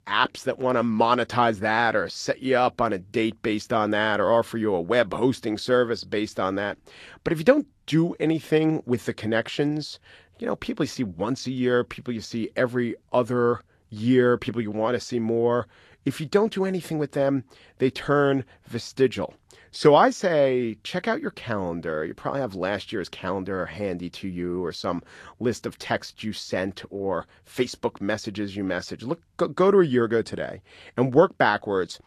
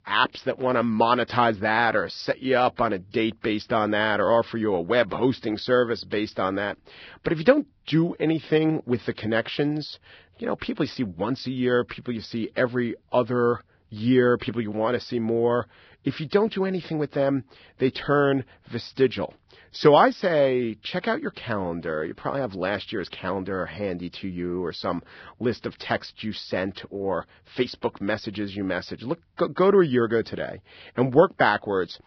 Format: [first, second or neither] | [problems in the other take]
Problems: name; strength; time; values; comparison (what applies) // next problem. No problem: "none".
first | garbled, watery; badly; nothing above 5.5 kHz; slightly in the first